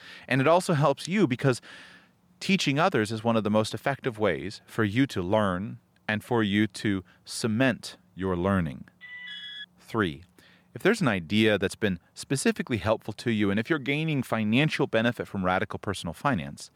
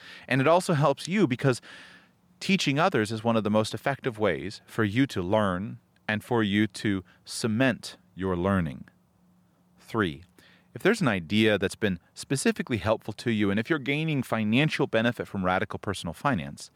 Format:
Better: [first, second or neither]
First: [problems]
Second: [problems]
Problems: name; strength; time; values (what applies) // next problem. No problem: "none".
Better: second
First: alarm; faint; at 9 s; peak 10 dB below the speech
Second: none